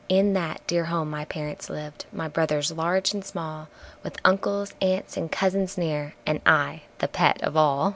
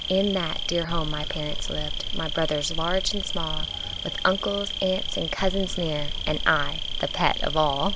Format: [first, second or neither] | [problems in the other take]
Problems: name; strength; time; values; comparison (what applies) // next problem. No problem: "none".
first | background sound (Insect); 1 dB below the speech